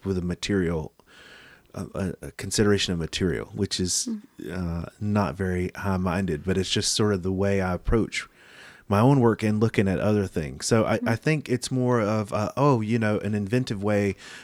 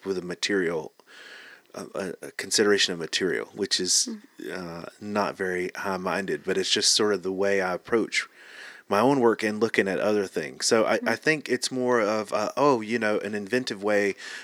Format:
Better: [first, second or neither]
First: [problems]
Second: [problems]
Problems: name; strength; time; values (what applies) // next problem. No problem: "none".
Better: first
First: none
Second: thin; somewhat; fading below 350 Hz